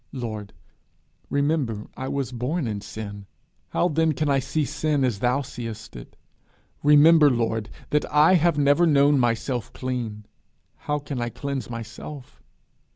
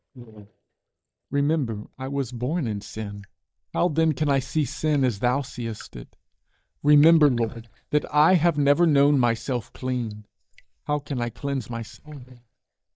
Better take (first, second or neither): first